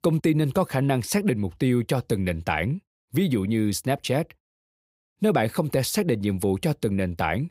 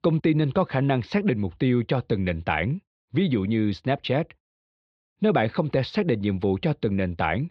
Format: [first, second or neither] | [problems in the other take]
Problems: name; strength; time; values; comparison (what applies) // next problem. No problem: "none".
first | muffled; slightly; fading above 4 kHz